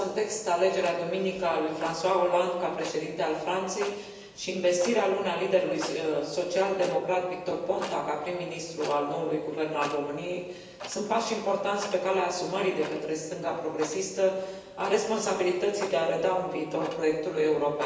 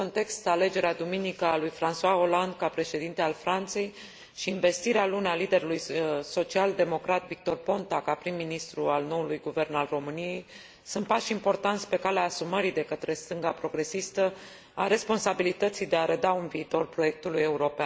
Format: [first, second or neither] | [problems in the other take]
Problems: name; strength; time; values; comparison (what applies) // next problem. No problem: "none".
second | background sound (Clock); 17 dB below the speech // room echo; dies away in 1 s